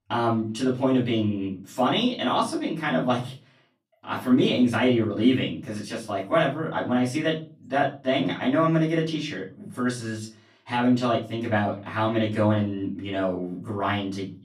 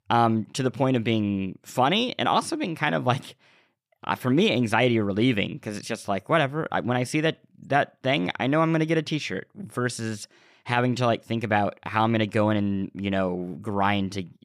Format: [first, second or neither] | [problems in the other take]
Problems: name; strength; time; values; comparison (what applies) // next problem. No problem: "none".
second | off-mic speech; far // room echo; slight; dies away in 0.3 s